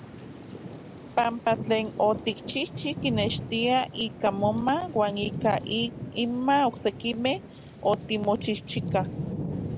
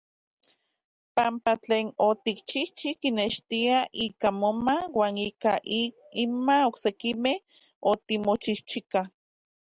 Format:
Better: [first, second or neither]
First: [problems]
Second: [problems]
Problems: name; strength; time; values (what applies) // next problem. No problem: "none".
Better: second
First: background sound (Thunder / Rain); 8 dB below the speech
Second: none